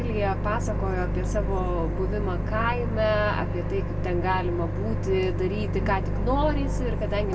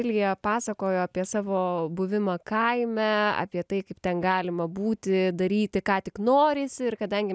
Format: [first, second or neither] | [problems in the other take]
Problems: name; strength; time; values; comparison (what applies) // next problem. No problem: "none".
second | background sound (Microwave oven); 2 dB above the speech // room echo; dies away in 1.6 s